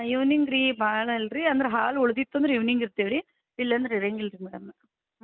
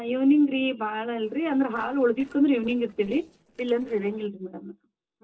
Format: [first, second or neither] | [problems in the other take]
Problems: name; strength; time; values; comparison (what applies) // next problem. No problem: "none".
first | noise reduction (neural separator model SepFormer DNS4)